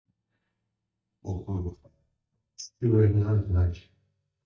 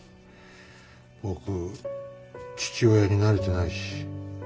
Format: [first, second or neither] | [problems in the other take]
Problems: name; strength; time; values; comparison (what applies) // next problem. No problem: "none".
second | noise reduction (neural mask model DeepFilterNet 3)